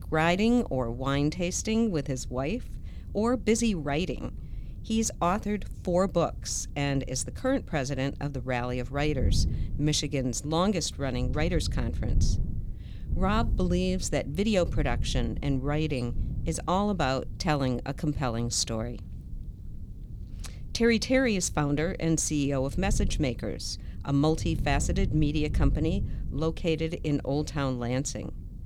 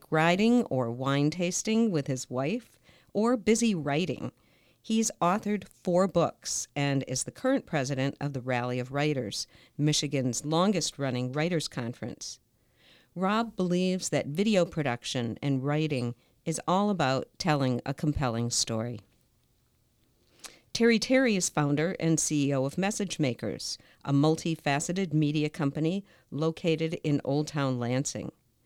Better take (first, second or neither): second